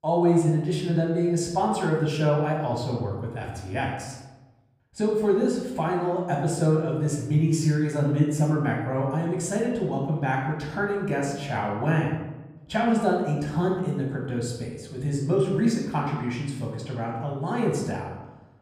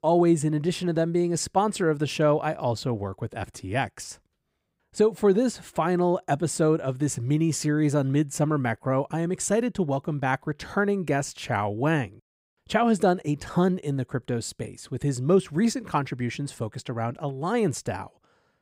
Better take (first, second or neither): second